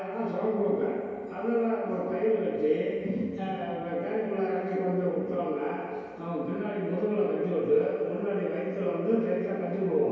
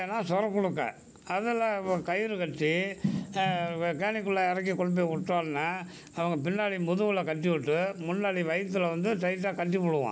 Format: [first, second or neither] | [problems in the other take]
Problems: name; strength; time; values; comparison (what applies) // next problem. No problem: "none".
second | room echo; dies away in 2.2 s